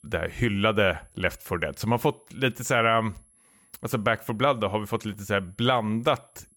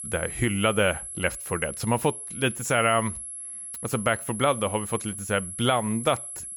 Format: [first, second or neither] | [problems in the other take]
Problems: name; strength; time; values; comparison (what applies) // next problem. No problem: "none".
first | high-pitched whine; loud; throughout; 11 kHz, 8 dB below the speech; faint in the first